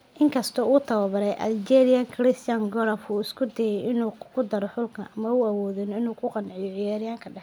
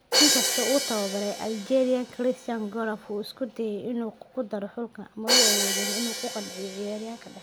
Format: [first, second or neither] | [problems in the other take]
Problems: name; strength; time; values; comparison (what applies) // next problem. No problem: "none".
first | background sound (Crash cymbal); as loud as the speech